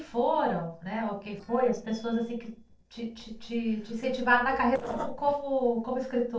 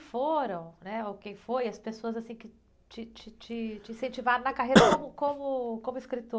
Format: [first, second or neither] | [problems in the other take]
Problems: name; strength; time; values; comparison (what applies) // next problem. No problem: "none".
second | noise reduction (neural separator model SepFormer DNS4)